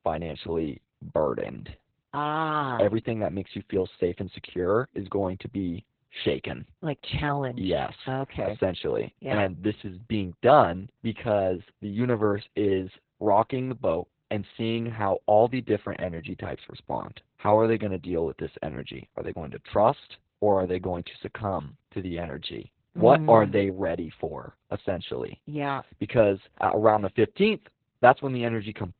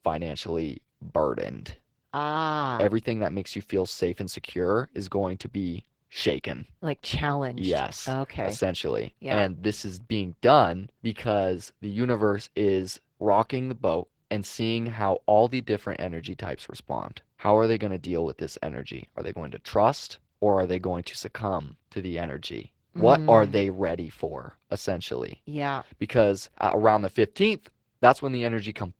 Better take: second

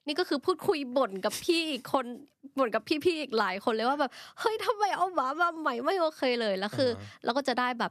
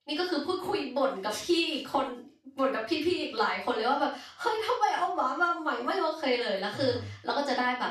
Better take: first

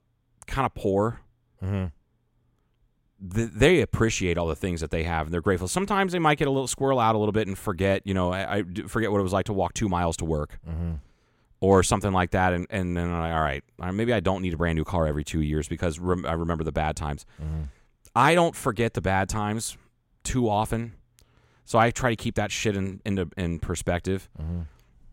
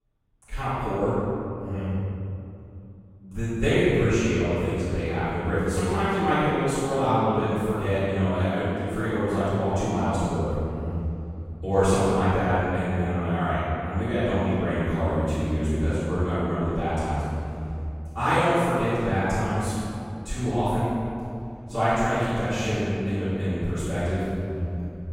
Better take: first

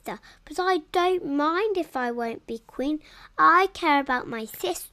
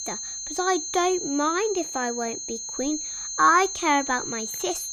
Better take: first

